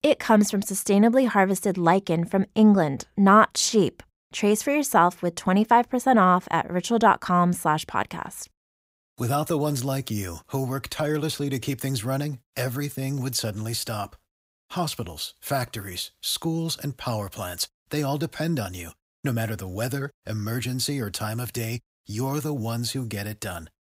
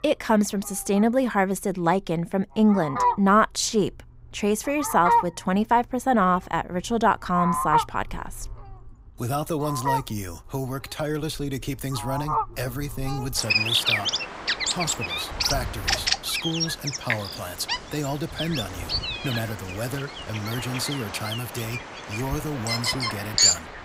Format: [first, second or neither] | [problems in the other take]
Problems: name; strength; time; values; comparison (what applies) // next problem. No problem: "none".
first | animal sounds; very loud; throughout; as loud as the speech